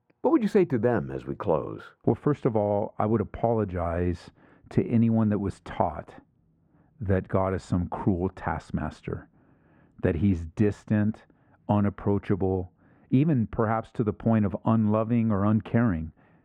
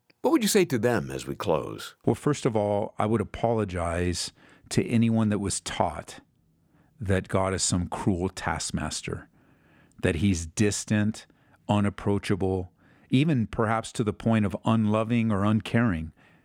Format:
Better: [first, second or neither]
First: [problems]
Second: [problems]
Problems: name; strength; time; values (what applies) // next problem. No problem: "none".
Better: second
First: muffled; very; fading above 3 kHz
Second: none